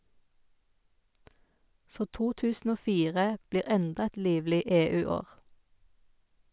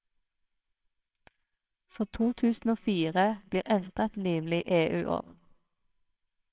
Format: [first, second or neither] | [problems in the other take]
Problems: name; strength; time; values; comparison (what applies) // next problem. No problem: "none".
first | noise reduction (neural separator model SepFormer WHAMR!)